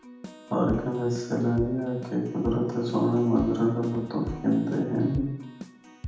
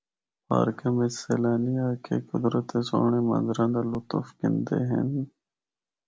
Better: second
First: background sound (Keyboard (musical)); 14 dB below the speech // room echo; dies away in 0.8 s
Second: none

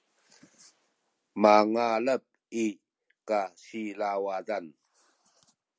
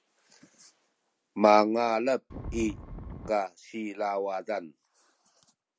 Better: first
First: none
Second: background sound (Wind); 10 dB below the speech

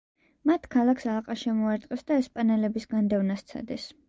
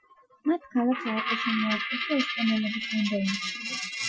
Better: first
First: none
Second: noise reduction (classical method Wiener filter)

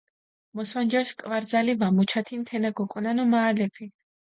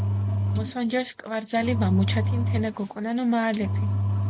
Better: first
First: none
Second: background sound (Engine); 1 dB above the speech

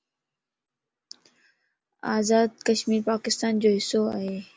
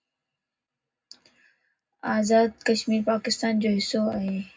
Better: first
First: none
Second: room echo; dies away in 0.3 s

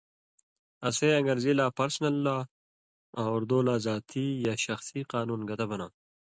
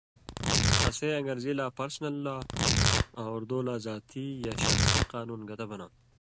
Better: first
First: none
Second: background sound (Tearing); 5 dB above the speech

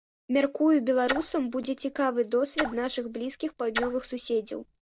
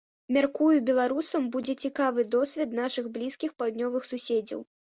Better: second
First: background sound (Splash, splatter); 10 dB below the speech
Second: none

